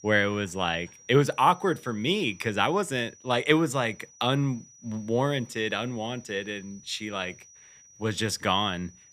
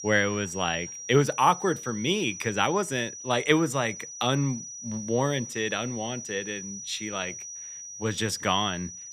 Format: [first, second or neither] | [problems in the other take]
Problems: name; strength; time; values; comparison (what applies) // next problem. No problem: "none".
first | high-pitched whine; loud; throughout; 6 kHz, 10 dB below the speech; faint in the first